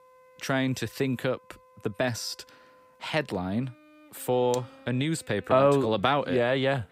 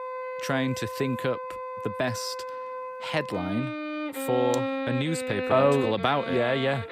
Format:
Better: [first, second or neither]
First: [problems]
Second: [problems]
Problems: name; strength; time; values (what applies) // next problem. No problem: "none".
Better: first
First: background music; faint; throughout; 30 dB below the speech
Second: background music; loud; throughout; 6 dB below the speech